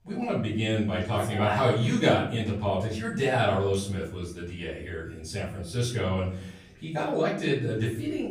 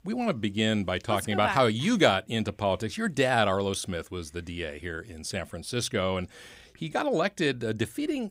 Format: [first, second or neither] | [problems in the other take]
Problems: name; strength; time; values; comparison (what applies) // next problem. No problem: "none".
second | room echo; noticeable; dies away in 0.7 s // off-mic speech; far